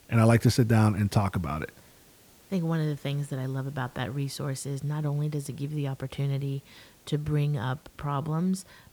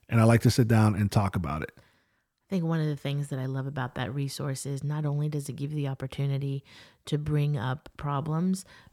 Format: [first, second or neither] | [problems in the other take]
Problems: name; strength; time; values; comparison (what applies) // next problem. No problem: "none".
second | hiss; faint; throughout; 25 dB below the speech